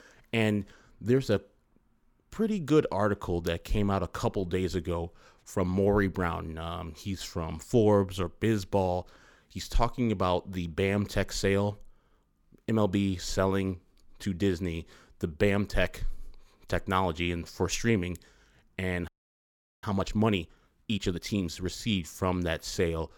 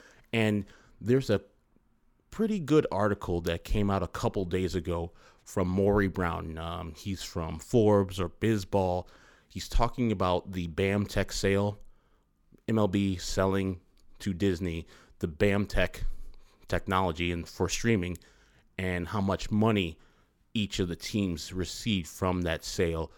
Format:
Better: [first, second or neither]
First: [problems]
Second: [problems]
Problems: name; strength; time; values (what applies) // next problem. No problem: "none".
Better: second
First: audio freezing; at 19 s for 1 s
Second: none